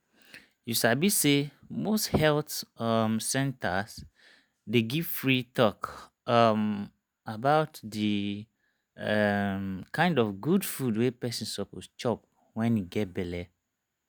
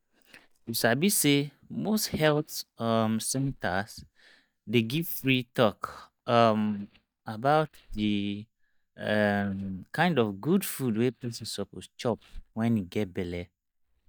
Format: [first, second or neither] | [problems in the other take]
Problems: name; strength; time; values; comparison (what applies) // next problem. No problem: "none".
first | noise reduction (neural mask model DeepFilterNet 3)